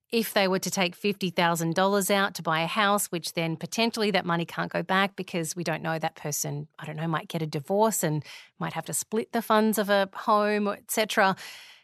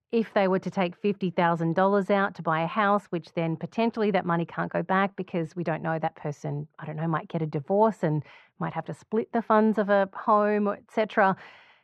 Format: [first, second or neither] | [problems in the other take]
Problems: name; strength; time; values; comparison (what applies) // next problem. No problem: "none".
first | muffled; very; fading above 1.5 kHz